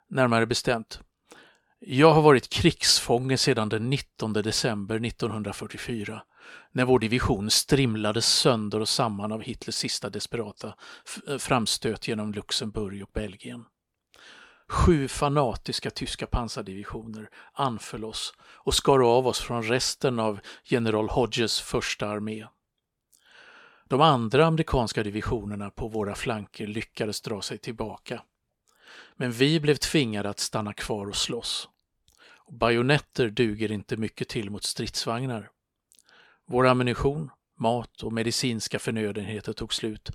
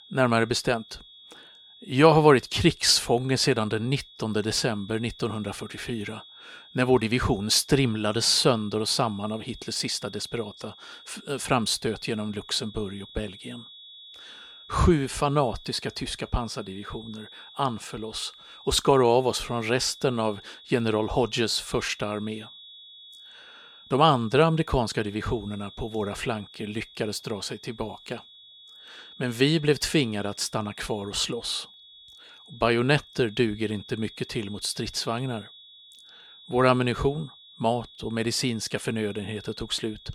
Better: first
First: none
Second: high-pitched whine; faint; throughout; 3.5 kHz, 20 dB below the speech

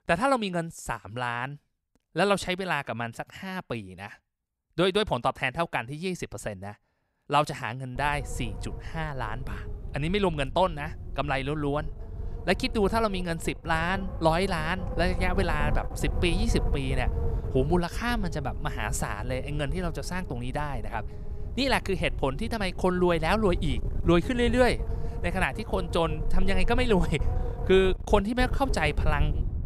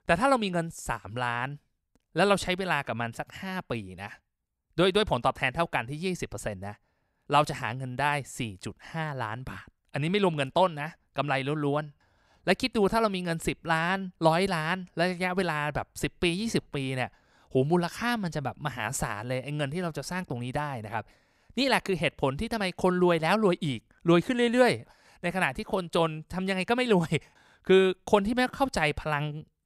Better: second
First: wind noise on the microphone; occasional gusts; from 8 s on; 15 dB below the speech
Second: none

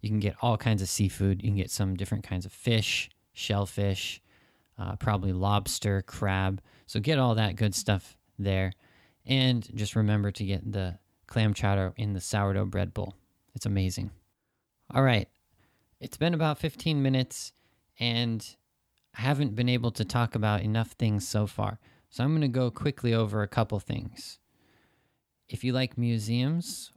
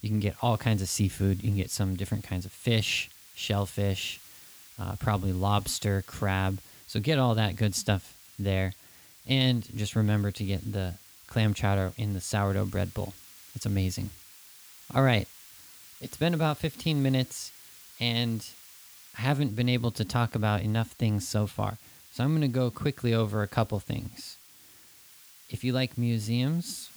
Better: first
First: none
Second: hiss; faint; throughout; 20 dB below the speech

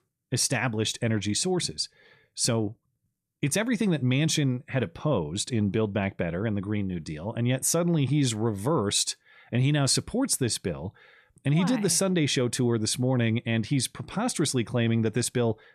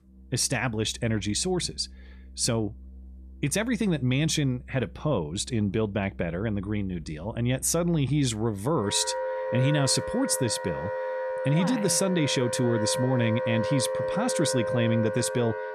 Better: first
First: none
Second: background music; loud; throughout; 4 dB below the speech

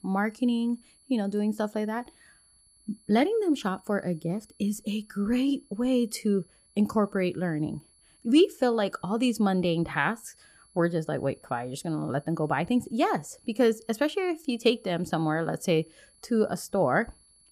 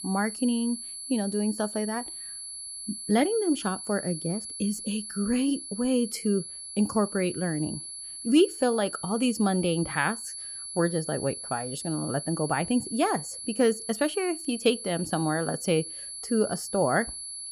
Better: first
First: high-pitched whine; faint; throughout; 11 kHz, 30 dB below the speech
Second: high-pitched whine; loud; throughout; 11 kHz, 8 dB below the speech

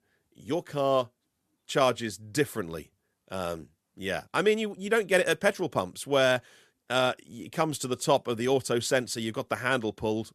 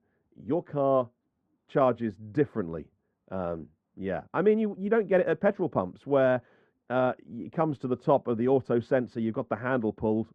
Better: first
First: none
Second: muffled; very; fading above 1 kHz

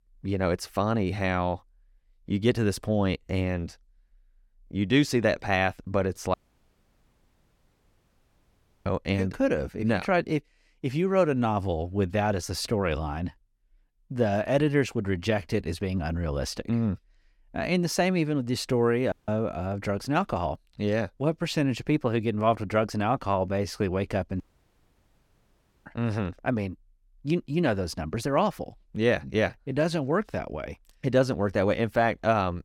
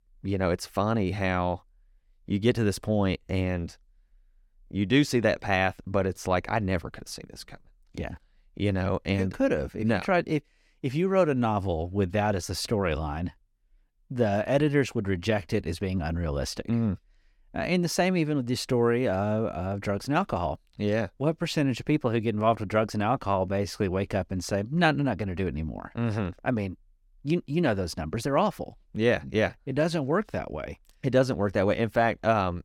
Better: second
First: audio cutting out; at 6.5 s for 2.5 s, at 19 s and at 24 s for 1.5 s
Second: none

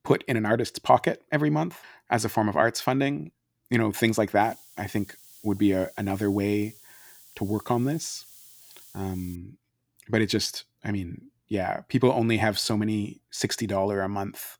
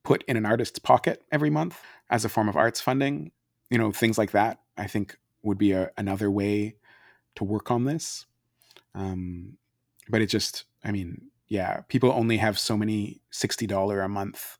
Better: second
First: hiss; faint; from 4.5 to 9.5 s; 20 dB below the speech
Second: none

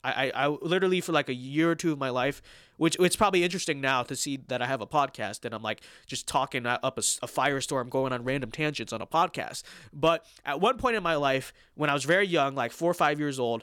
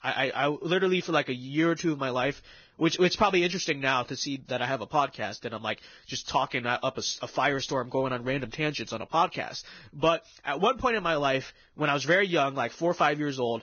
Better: first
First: none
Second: garbled, watery; badly; nothing above 6.5 kHz

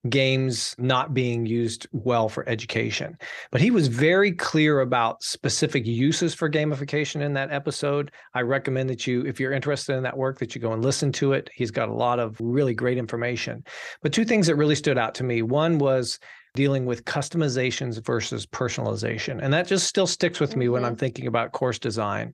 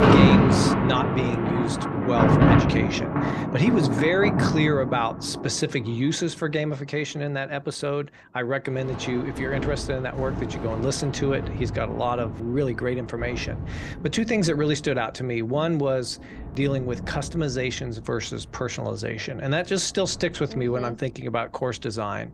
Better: first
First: none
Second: rain or running water; very loud; throughout; 2 dB above the speech

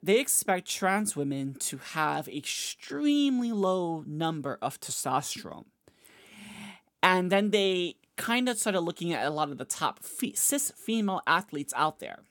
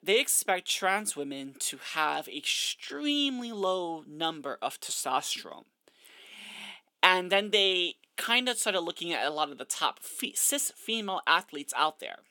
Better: first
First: none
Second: thin; very slightly; fading below 350 Hz

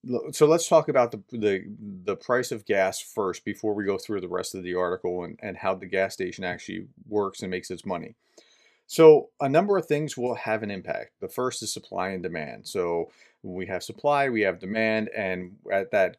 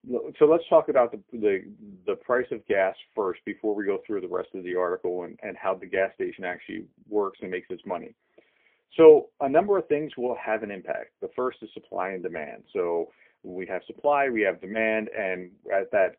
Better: first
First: none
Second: phone-call audio; poor line; nothing above 3.5 kHz

